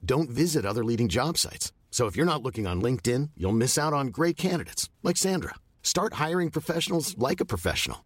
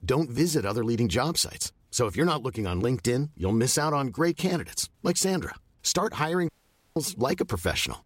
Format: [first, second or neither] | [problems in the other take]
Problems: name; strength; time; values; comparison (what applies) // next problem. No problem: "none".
first | audio cutting out; at 6.5 s